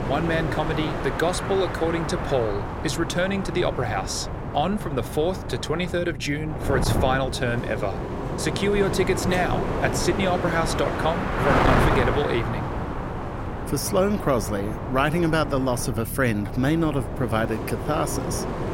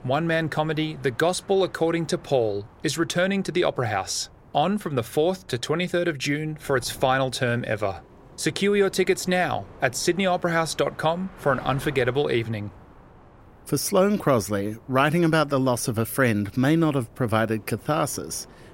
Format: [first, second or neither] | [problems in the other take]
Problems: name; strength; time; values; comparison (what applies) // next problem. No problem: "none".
second | wind noise on the microphone; heavy; 4 dB below the speech; occasional gusts in the second